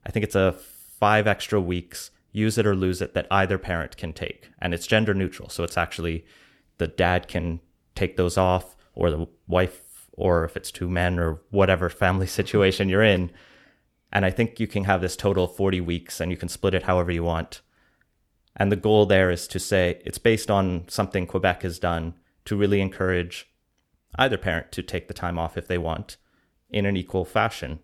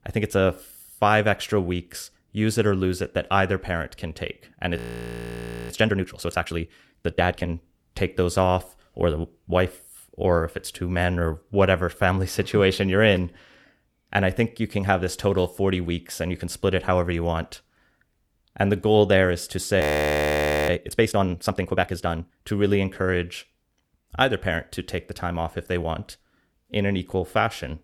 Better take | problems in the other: first | audio freezing; at 5 s for 1 s and at 20 s for 1 s

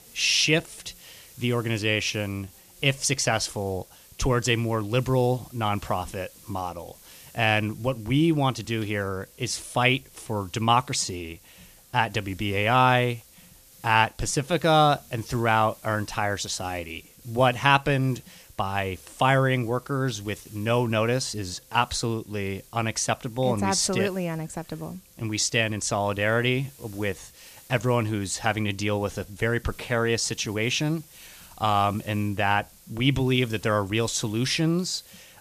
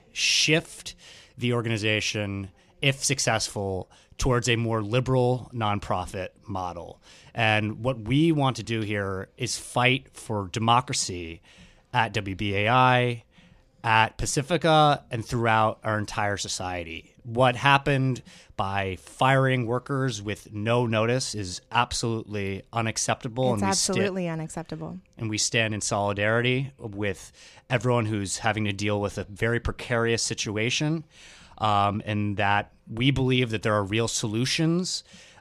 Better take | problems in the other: second | hiss; faint; throughout; 25 dB below the speech

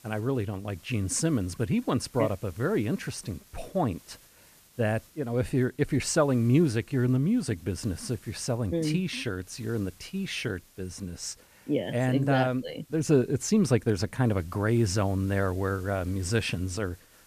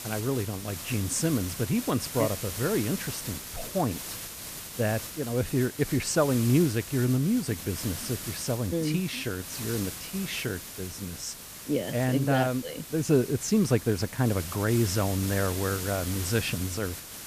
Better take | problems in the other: first | hiss; loud; throughout; 8 dB below the speech; faint in the first

